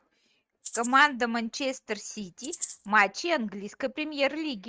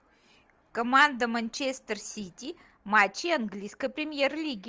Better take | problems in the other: second | noise reduction (neural mask model RNNoise)

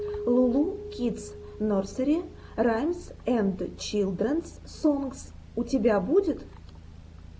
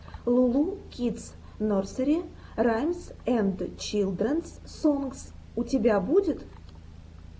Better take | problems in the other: second | background sound (Keyboard (musical)); 15 dB below the speech

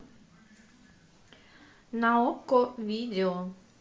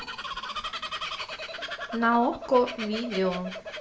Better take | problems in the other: first | background sound (Bird vocalization, bird call, bird song); 7 dB below the speech

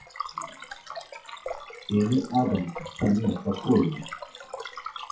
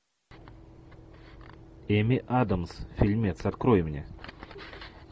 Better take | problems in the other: second | noise reduction (classical method WPE with log-MMSE)

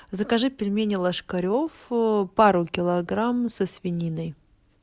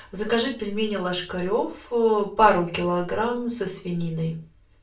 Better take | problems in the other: first | room echo; dies away in 0.3 s

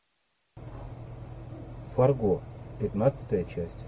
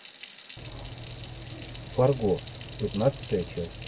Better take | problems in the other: first | background sound (Sink (filling or washing) / Water tap, faucet); 17 dB below the speech

